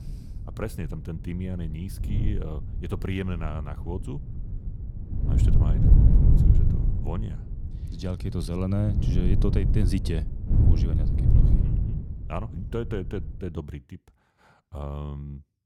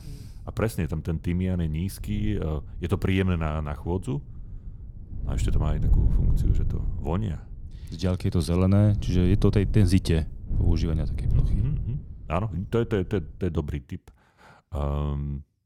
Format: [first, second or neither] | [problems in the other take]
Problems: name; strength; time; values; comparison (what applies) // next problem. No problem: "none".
second | wind noise on the microphone; heavy; until 13 s; 1 dB below the speech; occasional gusts in the second